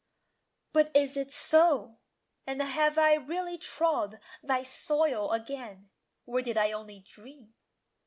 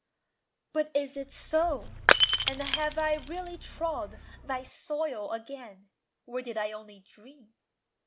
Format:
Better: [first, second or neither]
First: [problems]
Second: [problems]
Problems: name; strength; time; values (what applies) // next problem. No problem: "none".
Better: first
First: none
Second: background sound (Shatter / Crushing); 3 dB above the speech